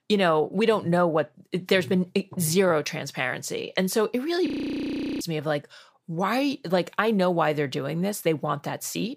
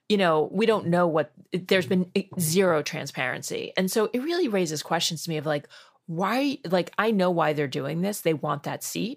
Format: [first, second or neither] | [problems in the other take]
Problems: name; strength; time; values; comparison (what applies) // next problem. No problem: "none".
second | audio freezing; at 4.5 s for 0.5 s